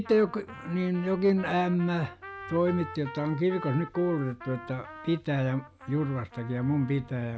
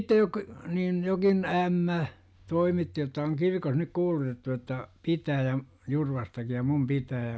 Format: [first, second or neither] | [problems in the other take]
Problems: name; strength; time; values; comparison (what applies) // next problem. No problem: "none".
second | background sound (Trumpet); 16 dB below the speech